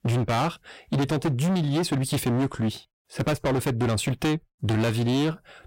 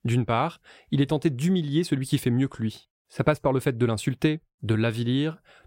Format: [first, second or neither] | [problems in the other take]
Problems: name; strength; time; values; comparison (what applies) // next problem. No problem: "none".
second | distortion; heavy; 26% of the sound clipped